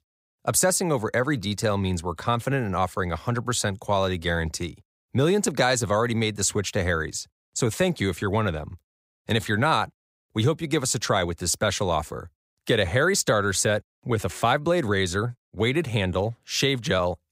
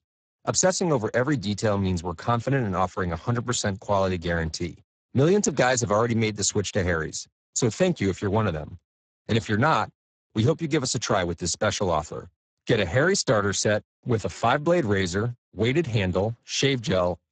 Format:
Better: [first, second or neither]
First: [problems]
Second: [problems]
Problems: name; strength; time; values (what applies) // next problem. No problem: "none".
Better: first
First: none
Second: garbled, watery; badly; nothing above 7.5 kHz